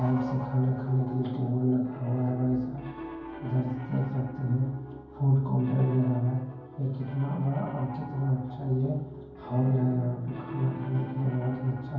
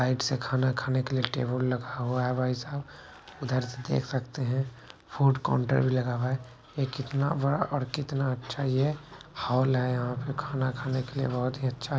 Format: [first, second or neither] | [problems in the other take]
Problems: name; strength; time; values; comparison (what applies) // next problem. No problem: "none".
second | background sound (Piano); 14 dB below the speech // room echo; dies away in 0.9 s